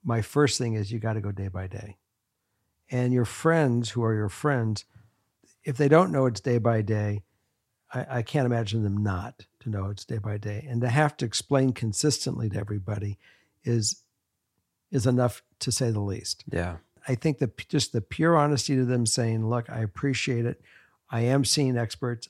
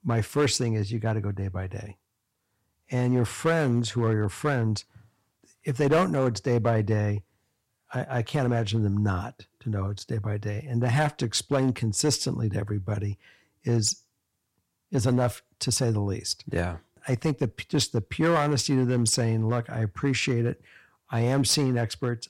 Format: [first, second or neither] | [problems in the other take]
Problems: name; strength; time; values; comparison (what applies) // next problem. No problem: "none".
first | distortion; slight; 3% of the sound clipped